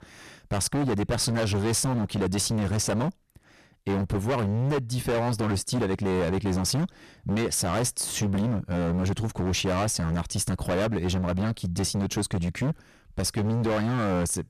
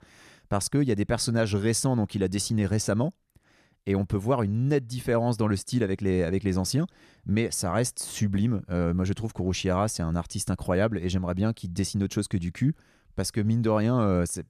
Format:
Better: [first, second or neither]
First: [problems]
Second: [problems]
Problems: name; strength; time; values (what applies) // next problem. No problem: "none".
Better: second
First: distortion; heavy; 26% of the sound clipped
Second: none